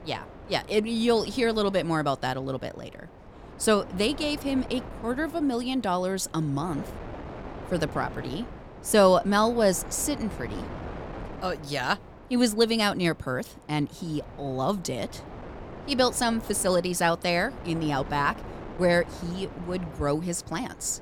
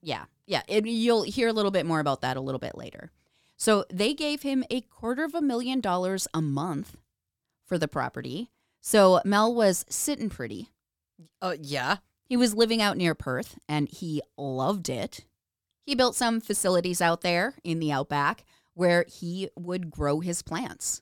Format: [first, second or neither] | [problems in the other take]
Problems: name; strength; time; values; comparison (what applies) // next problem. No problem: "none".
second | wind noise on the microphone; occasional gusts; 15 dB below the speech